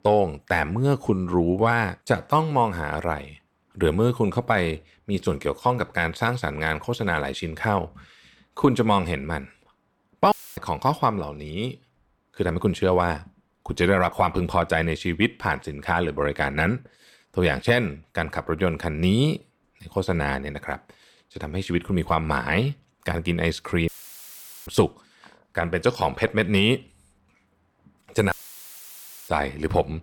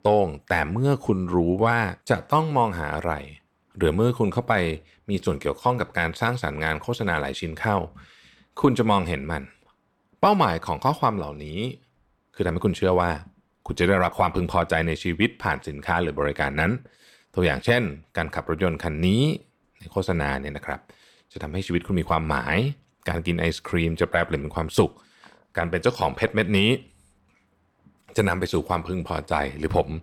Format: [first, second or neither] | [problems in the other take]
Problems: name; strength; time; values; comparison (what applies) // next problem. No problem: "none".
second | audio cutting out; filled with static; at 10 s, at 24 s for 1 s and at 28 s for 1 s